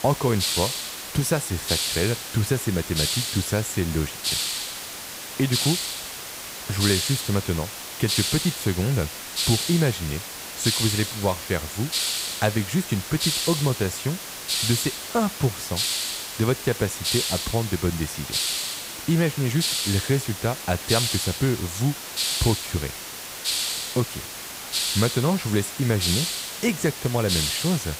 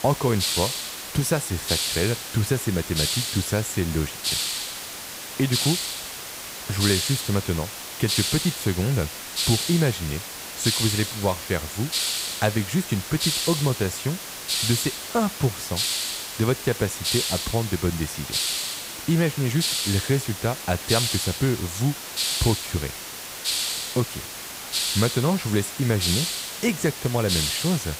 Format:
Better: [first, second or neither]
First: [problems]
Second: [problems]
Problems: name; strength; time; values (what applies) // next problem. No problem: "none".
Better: neither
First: hiss; loud; throughout; 1 dB below the speech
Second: hiss; loud; throughout; 1 dB below the speech